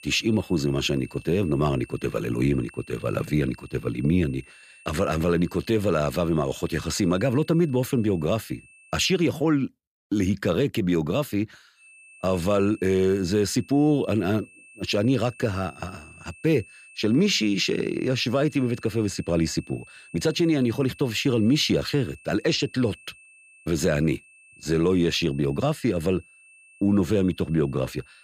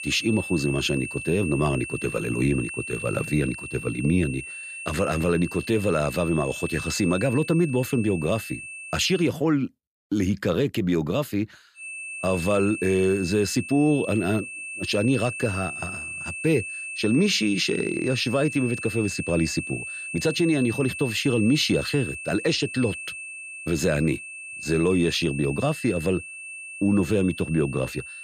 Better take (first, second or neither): first